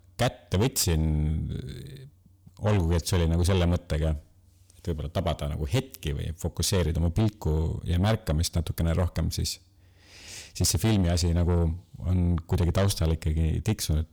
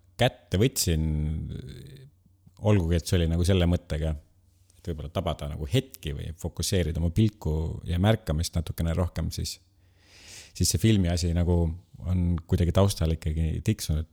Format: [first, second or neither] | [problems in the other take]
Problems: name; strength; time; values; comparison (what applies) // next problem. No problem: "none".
second | distortion; slight; 10 dB below the speech